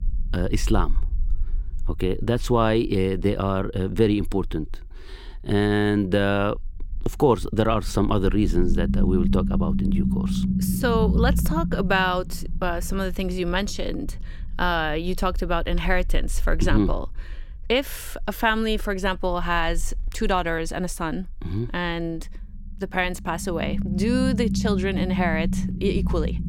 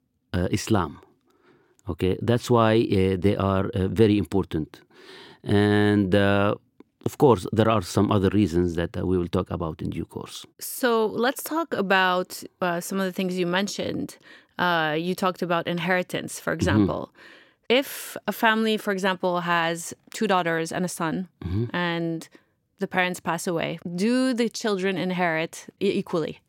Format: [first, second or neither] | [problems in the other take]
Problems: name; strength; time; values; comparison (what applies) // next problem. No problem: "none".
second | low rumble; loud; throughout; 9 dB below the speech